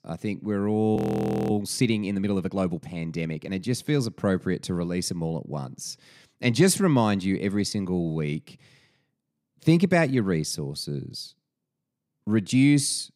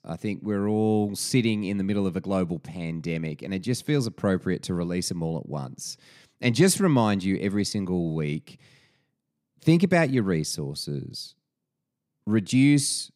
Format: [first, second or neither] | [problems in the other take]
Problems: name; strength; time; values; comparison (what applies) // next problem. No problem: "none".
second | audio freezing; at 1 s for 0.5 s